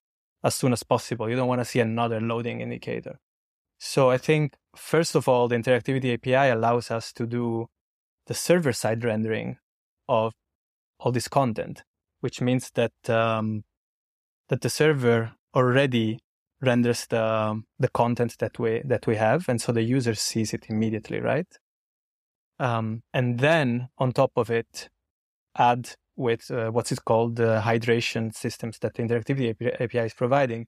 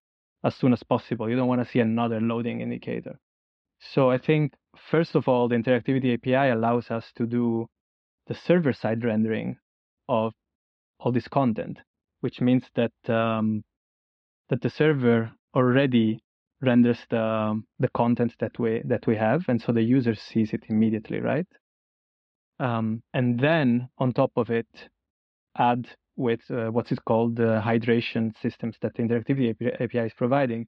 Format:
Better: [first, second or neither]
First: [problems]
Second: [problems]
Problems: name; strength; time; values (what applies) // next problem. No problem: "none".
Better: first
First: none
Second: muffled; slightly; fading above 4 kHz